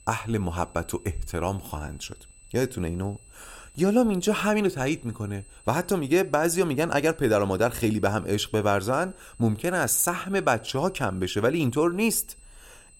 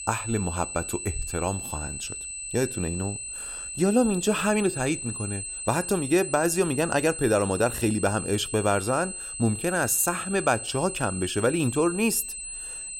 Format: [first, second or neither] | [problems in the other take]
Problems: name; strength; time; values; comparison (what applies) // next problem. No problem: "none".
first | high-pitched whine; loud; throughout; 8 kHz, 7 dB below the speech; faint in the first